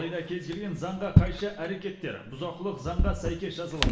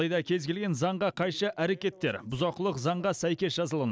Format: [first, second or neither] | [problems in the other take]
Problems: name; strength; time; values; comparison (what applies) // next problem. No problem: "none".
second | background sound (Drawer open or close); 4 dB above the speech // room echo; dies away in 0.8 s